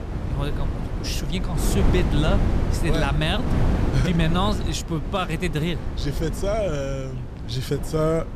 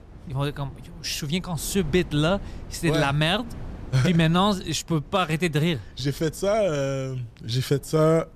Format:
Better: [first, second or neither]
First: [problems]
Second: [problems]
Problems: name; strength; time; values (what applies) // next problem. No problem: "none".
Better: second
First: wind noise on the microphone; heavy; 6 dB below the speech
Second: wind noise on the microphone; occasional gusts; 25 dB below the speech